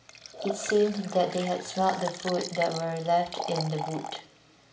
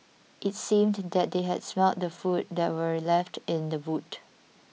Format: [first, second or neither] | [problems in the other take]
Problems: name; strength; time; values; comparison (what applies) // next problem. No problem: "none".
second | background sound (Liquid); 10 dB below the speech // room echo; dies away in 0.6 s